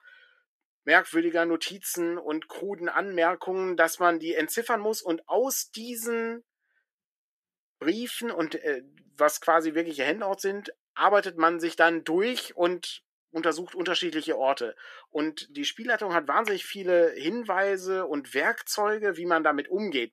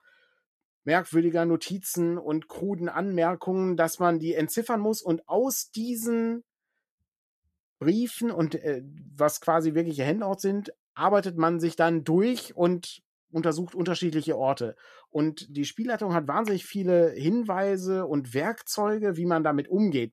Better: second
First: thin; somewhat; fading below 300 Hz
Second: none

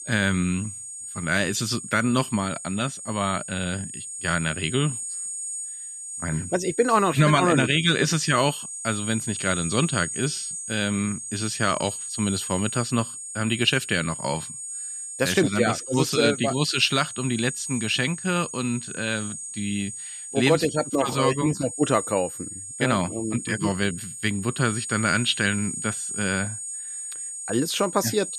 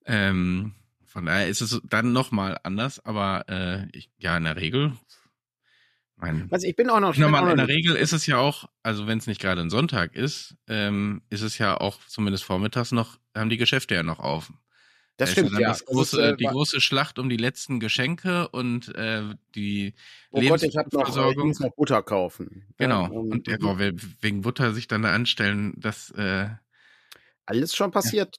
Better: second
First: high-pitched whine; loud; throughout; 8.5 kHz, 7 dB below the speech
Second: none

